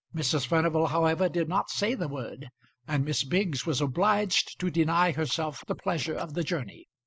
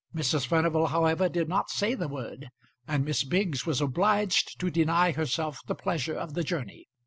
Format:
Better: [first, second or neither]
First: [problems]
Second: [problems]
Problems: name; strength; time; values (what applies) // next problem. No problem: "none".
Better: second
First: noise reduction (neural mask model Resemble Enhance denoiser)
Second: none